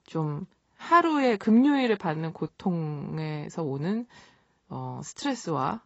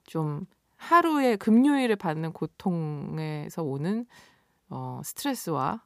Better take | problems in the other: second | garbled, watery; badly; nothing above 7.5 kHz

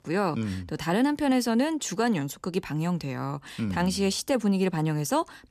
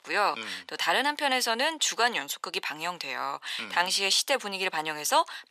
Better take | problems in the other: first | thin; very; fading below 850 Hz

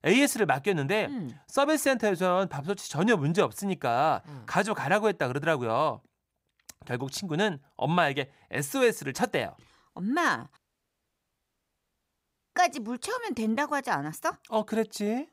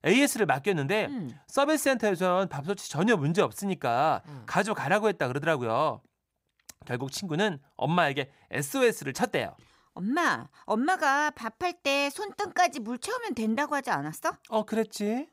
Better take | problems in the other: second | audio cutting out; at 11 s for 2 s

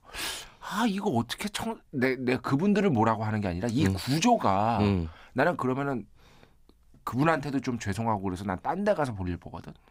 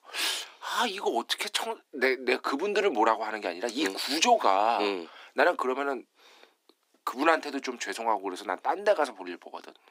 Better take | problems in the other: first | thin; somewhat; fading below 300 Hz

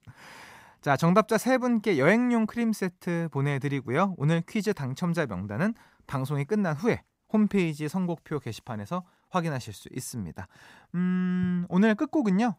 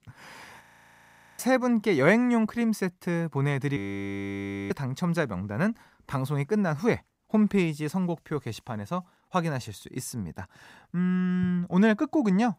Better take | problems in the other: first | audio freezing; at 0.5 s for 1 s and at 4 s for 1 s

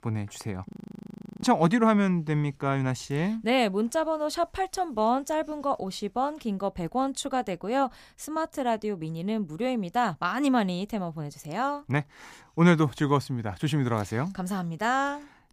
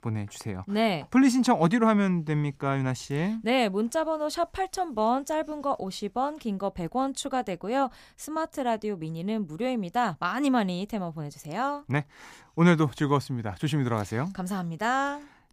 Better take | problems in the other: second | audio freezing; at 0.5 s for 0.5 s

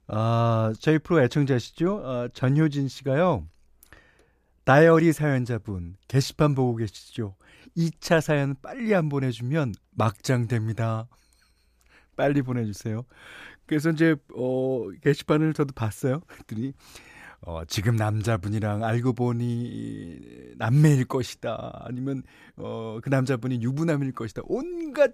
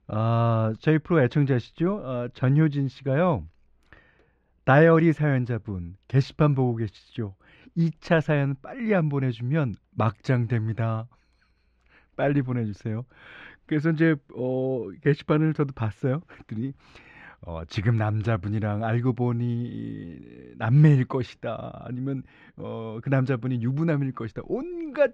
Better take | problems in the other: first | muffled; slightly; fading above 2.5 kHz

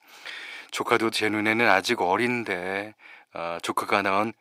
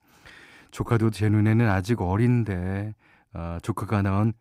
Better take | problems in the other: second | thin; very; fading below 550 Hz

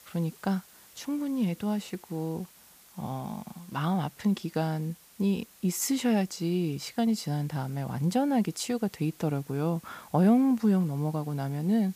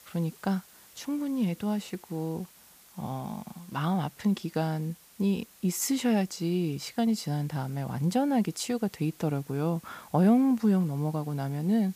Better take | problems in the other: neither | hiss; faint; throughout; 25 dB below the speech; the same in both

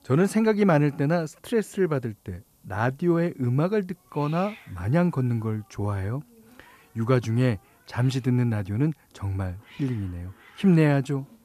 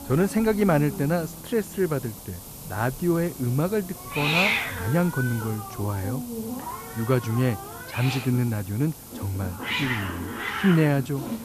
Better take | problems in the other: first | hiss; loud; throughout; 5 dB below the speech; faint in the first

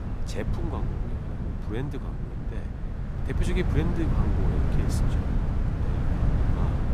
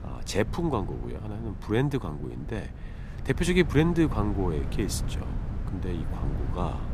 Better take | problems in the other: second | wind noise on the microphone; heavy; 1 dB above the speech; occasional gusts in the second

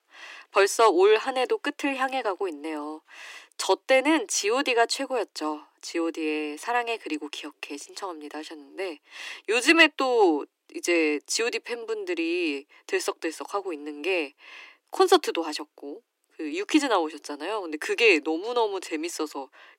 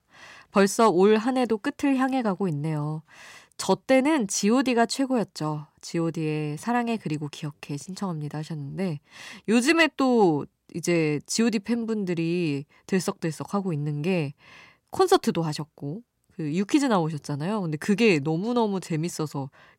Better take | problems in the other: second | thin; somewhat; fading below 300 Hz

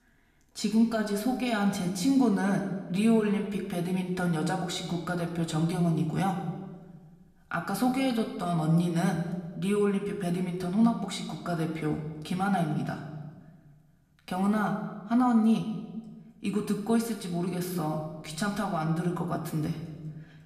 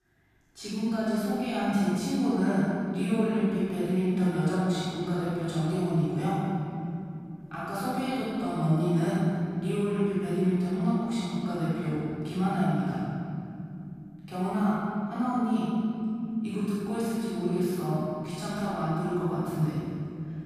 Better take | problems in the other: first | room echo; strong; dies away in 3 s; slight in the first // off-mic speech; far; somewhat distant in the first

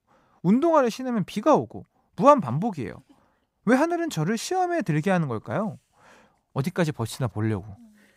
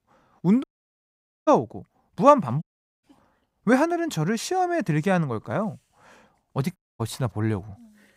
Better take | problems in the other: first | audio cutting out; at 0.5 s for 1 s, at 2.5 s and at 7 s

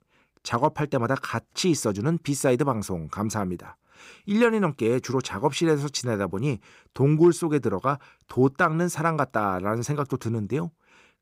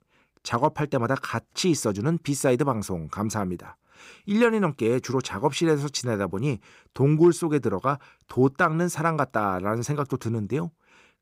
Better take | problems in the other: neither | none

